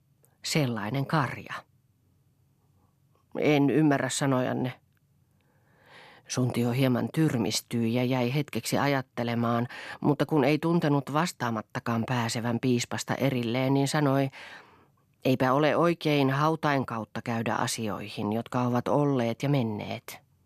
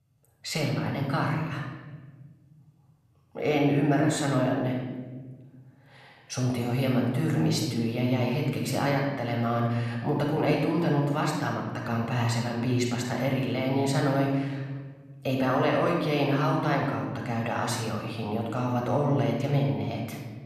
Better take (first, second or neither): first